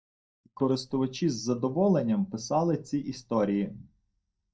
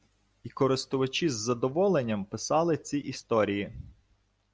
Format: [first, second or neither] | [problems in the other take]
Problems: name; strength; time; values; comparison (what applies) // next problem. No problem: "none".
second | noise reduction (neural mask model DeepFilterNet 3)